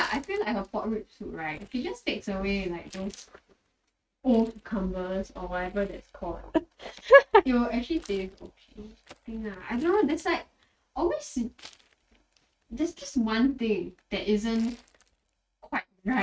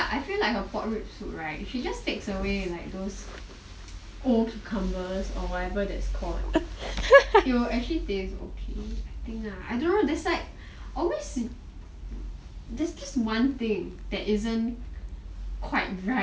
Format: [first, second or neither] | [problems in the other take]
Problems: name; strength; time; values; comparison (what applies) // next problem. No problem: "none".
second | noise reduction (neural mask model RNNoise)